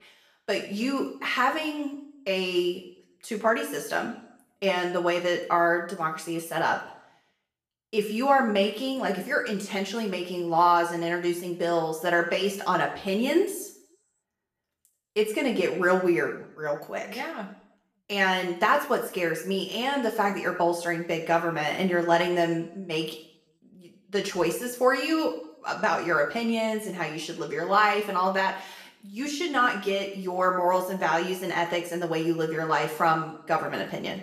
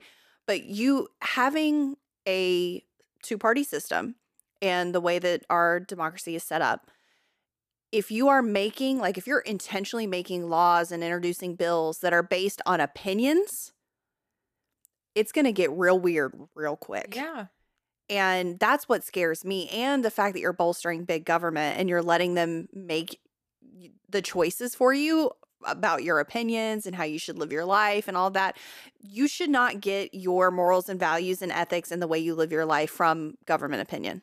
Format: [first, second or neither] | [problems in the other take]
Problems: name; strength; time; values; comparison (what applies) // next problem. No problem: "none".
second | room echo; slight; dies away in 0.6 s // off-mic speech; far